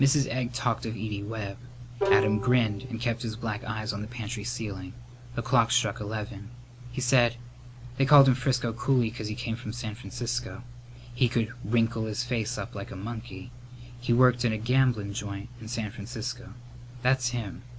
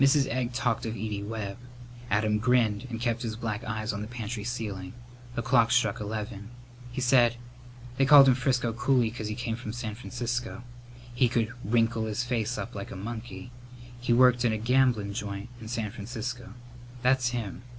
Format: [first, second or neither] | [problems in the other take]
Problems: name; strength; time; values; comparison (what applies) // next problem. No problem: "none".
second | background sound (Bowed string instrument); 5 dB below the speech